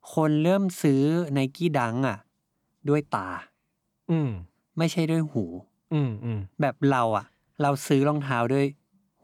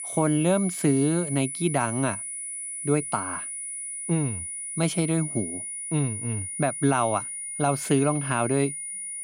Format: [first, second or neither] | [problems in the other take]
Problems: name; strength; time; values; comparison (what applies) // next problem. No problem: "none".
first | high-pitched whine; loud; throughout; 9.5 kHz, 5 dB below the speech